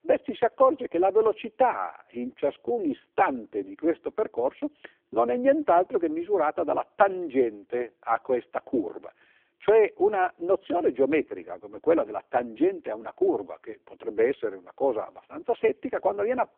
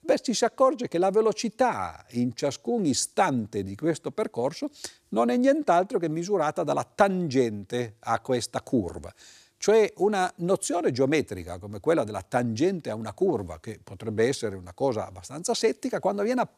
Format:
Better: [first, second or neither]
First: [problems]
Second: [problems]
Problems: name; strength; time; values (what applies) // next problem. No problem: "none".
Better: second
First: phone-call audio; poor line; nothing above 3.5 kHz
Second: none